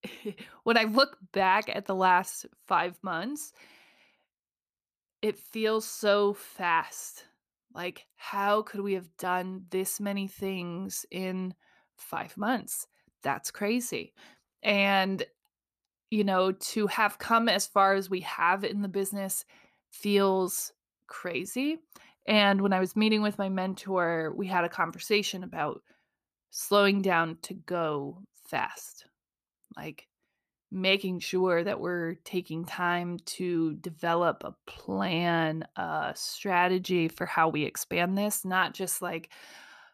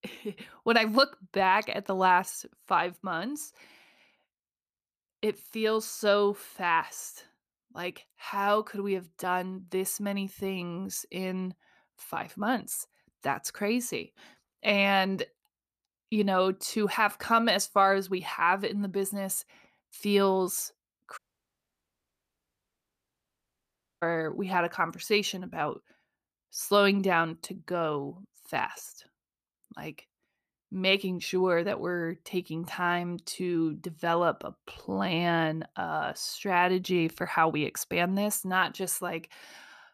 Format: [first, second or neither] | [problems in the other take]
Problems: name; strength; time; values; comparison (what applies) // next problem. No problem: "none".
first | audio cutting out; at 21 s for 3 s